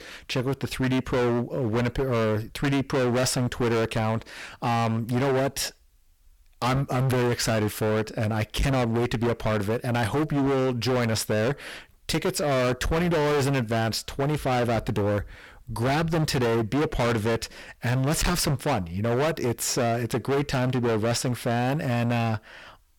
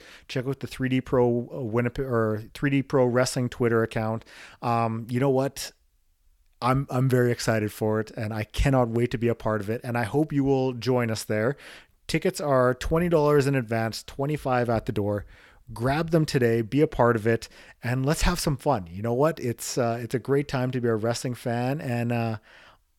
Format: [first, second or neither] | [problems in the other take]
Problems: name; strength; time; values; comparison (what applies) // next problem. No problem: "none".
second | distortion; heavy; 28% of the sound clipped